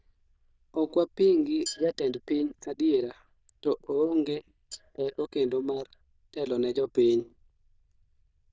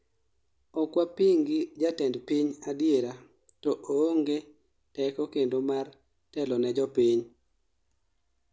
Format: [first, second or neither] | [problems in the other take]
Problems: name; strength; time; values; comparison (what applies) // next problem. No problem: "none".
second | noise reduction (neural diffusion model UNIVERSE++)